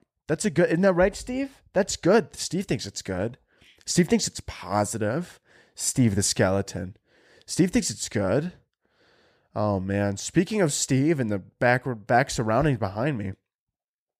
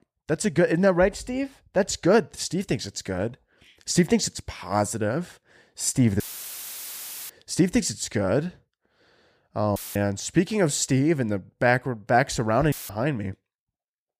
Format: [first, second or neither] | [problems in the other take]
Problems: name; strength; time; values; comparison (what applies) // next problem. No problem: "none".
first | audio cutting out; filled with static; at 6 s for 1 s, at 10 s and at 13 s